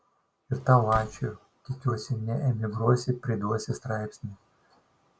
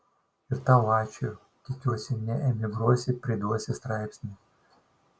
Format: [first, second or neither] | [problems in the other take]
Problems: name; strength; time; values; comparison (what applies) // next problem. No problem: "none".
second | background sound (Slam); 10 dB below the speech